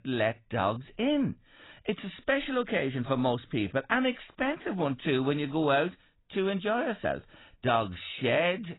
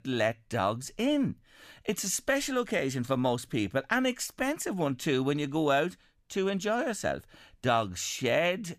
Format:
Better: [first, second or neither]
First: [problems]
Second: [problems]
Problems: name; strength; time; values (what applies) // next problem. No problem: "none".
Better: second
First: garbled, watery; badly; nothing above 4 kHz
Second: none